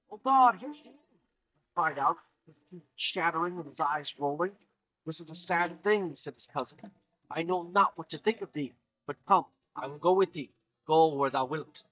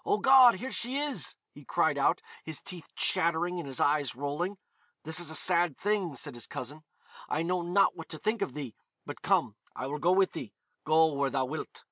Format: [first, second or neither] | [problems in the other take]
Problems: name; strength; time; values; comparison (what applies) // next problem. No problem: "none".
second | noise reduction (neural mask model DeepFilterNet 3)